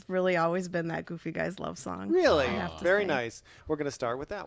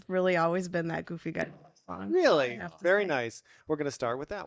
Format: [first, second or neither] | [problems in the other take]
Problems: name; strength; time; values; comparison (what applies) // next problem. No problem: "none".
first | noise reduction (neural mask model DeepFilterNet 3)